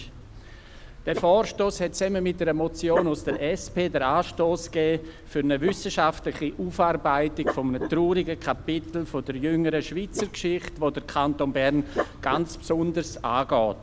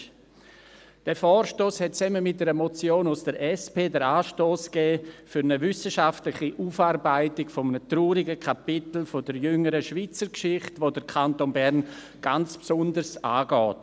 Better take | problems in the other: second | background sound (Dog); 11 dB below the speech

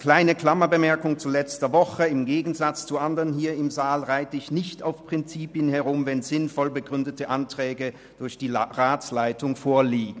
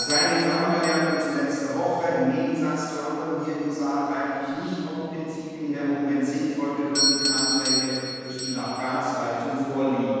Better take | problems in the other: first | background sound (Doorbell); 6 dB below the speech // room echo; dies away in 2.1 s

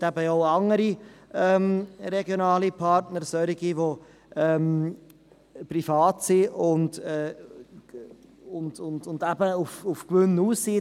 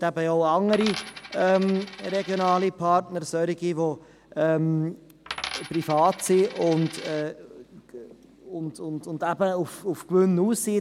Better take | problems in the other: first | background sound (Coin (dropping)); 13 dB below the speech

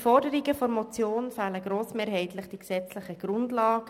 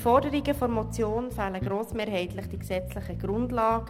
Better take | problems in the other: first | background sound (Bass guitar); 9 dB below the speech

